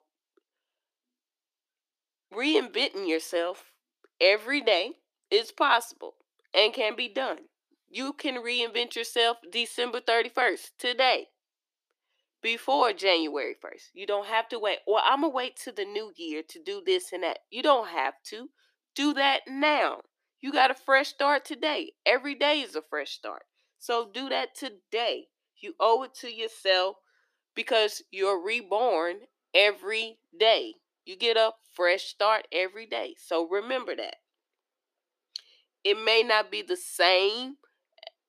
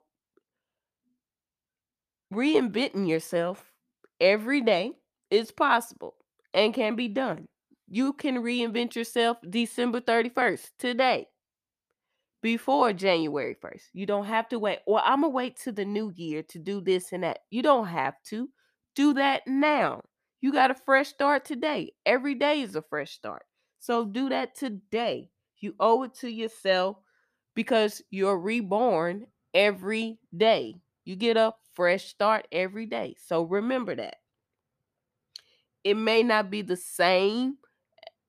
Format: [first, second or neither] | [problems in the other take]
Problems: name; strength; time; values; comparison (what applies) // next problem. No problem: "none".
second | thin; somewhat; fading below 300 Hz